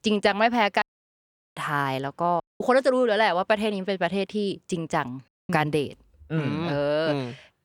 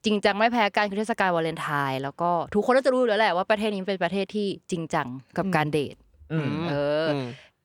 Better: second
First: audio cutting out; at 1 s for 0.5 s, at 2.5 s and at 5.5 s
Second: none

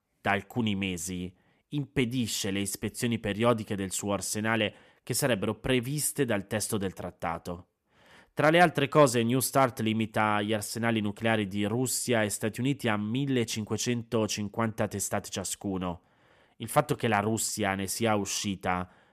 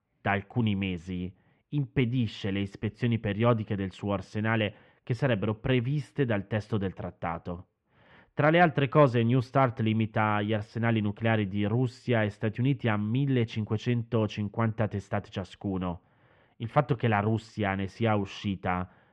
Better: first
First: none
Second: muffled; very; fading above 3 kHz

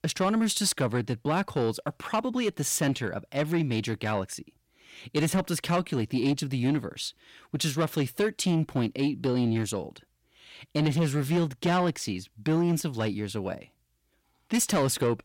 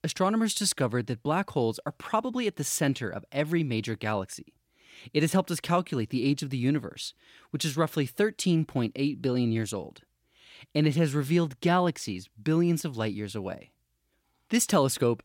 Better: second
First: distortion; slight; 10 dB below the speech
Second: none

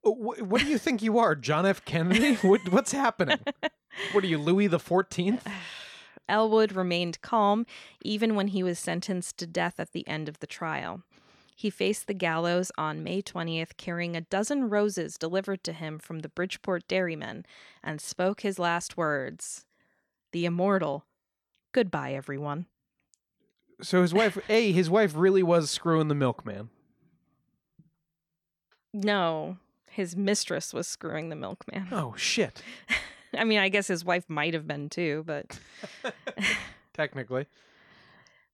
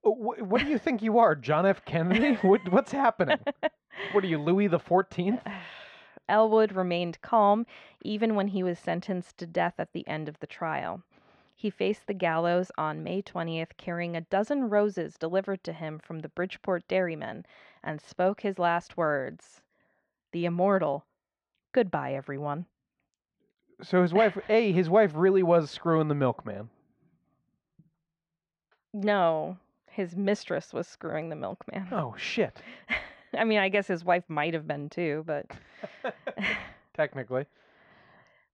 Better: first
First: none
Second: muffled; very; fading above 2.5 kHz

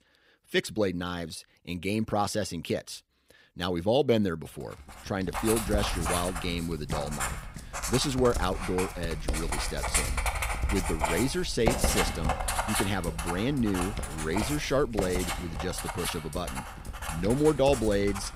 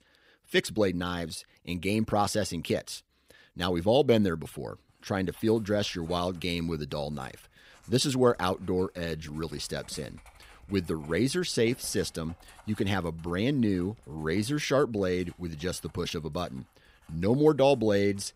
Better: second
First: household noises; loud; from 5 s on; 3 dB below the speech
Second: household noises; faint; from 5 s on; 30 dB below the speech

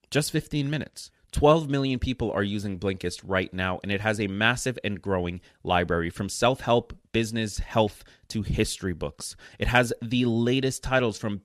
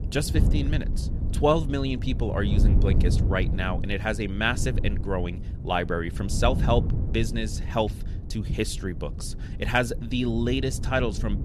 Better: first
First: none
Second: wind noise on the microphone; occasional gusts; 15 dB below the speech

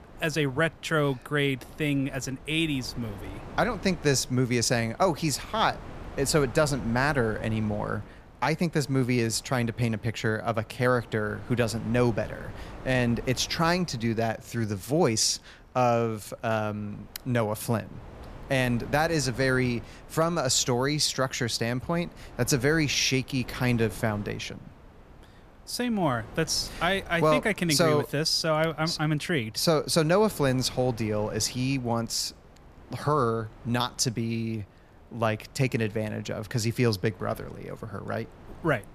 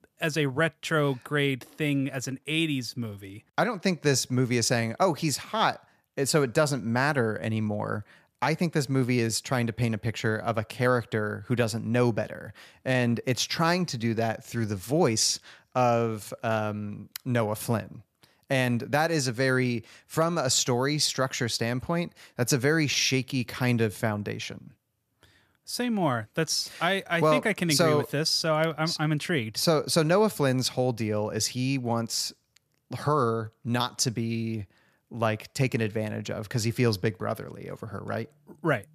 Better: second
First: wind noise on the microphone; occasional gusts; 20 dB below the speech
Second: none

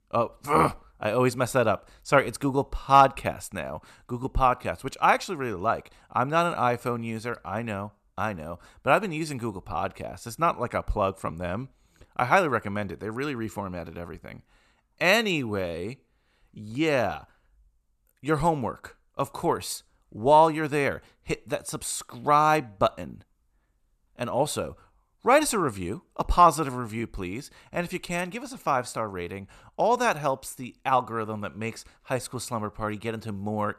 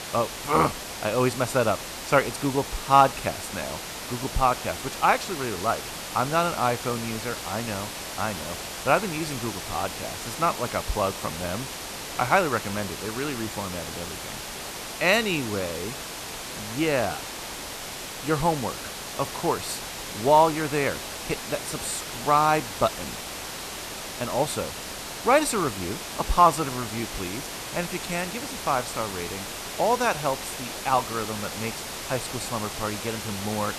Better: first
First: none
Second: hiss; loud; throughout; 7 dB below the speech

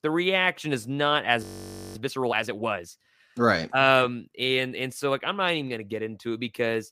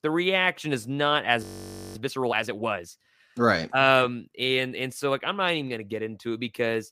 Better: neither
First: audio freezing; at 1.5 s for 0.5 s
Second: audio freezing; at 1.5 s for 0.5 s

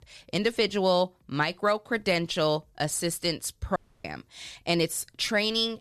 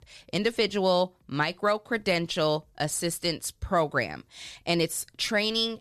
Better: second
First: audio cutting out; at 4 s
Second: none

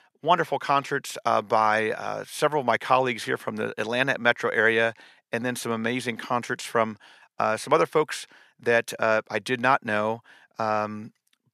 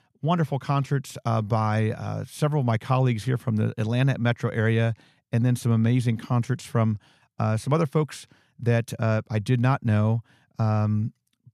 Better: second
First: thin; very; fading below 450 Hz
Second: none

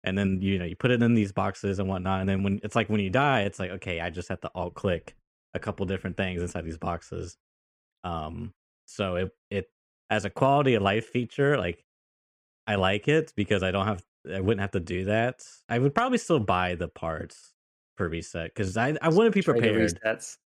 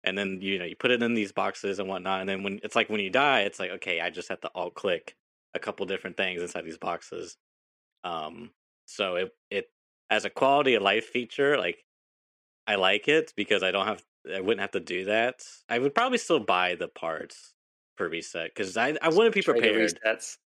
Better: first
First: none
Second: thin; somewhat; fading below 350 Hz

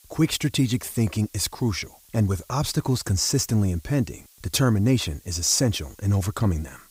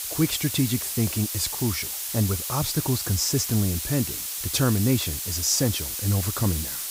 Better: first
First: hiss; faint; throughout; 25 dB below the speech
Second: hiss; loud; throughout; 3 dB below the speech

